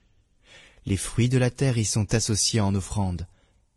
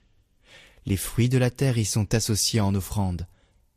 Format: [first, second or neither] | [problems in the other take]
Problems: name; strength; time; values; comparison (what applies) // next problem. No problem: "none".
second | garbled, watery; badly; nothing above 10.5 kHz; slightly in the second